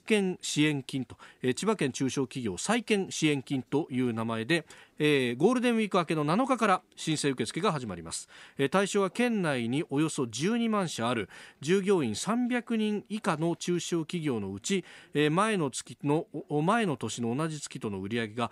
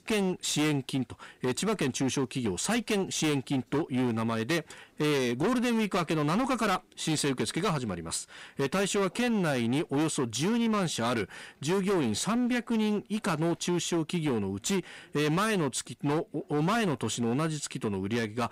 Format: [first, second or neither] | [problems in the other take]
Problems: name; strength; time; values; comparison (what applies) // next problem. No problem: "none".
first | distortion; heavy; 21% of the sound clipped